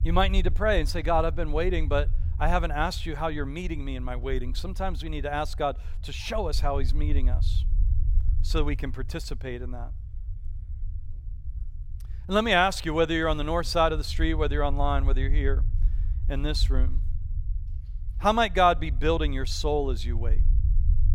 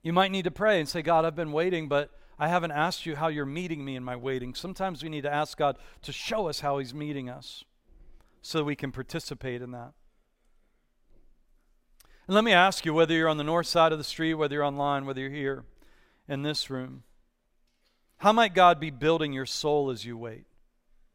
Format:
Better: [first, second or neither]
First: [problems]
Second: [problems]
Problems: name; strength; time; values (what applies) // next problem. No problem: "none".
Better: second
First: low rumble; faint; throughout; 25 dB below the speech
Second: none